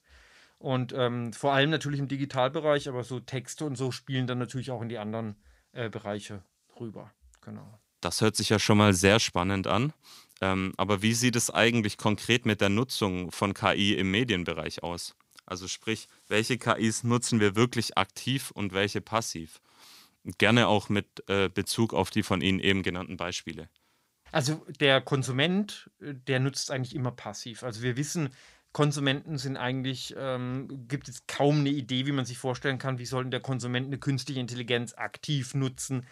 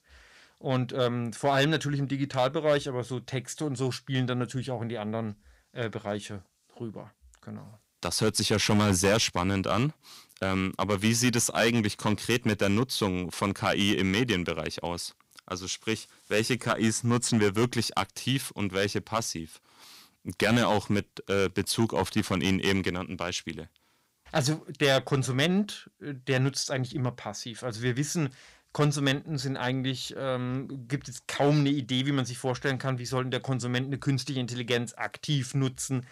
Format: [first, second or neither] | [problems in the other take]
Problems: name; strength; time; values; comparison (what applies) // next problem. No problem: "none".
first | distortion; slight; 1.8% of the sound clipped